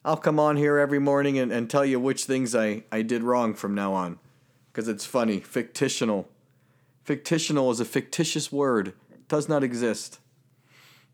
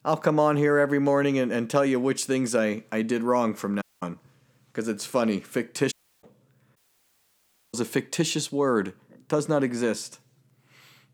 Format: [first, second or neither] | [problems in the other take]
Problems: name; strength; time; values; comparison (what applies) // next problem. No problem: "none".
first | audio cutting out; at 4 s, at 6 s and at 7 s for 1 s